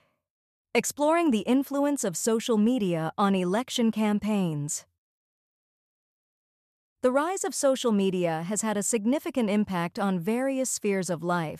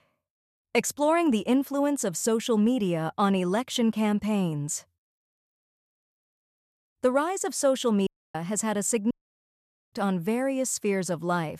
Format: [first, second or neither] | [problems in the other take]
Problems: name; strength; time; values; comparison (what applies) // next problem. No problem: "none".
first | audio cutting out; at 8 s and at 9 s for 1 s